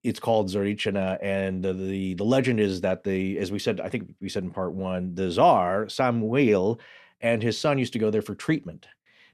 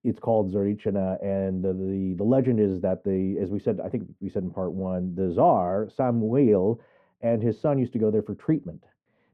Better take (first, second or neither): first